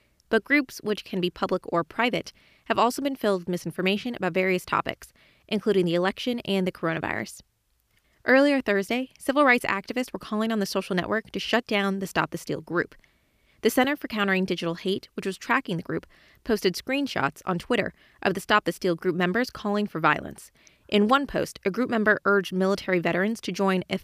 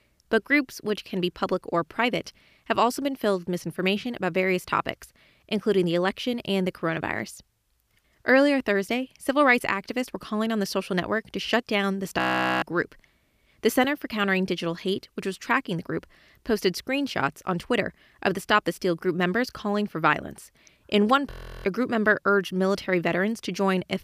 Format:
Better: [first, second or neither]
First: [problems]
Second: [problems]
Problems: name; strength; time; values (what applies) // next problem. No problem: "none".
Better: first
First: none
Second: audio freezing; at 12 s and at 21 s